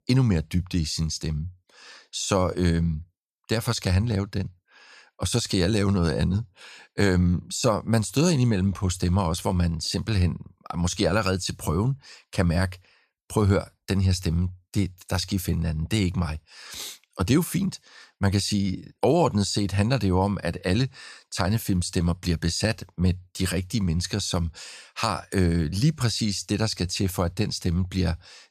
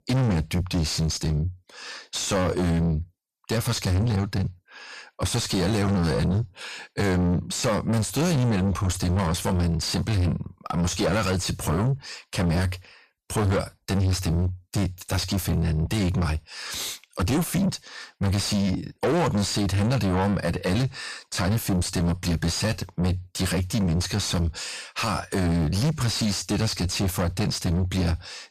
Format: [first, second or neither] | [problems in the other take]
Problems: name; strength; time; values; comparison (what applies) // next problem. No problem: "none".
first | distortion; heavy; 6 dB below the speech